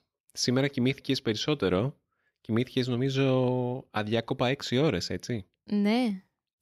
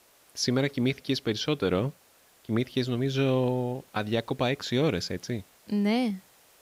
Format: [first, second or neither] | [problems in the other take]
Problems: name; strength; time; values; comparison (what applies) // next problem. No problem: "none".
first | hiss; faint; throughout; 30 dB below the speech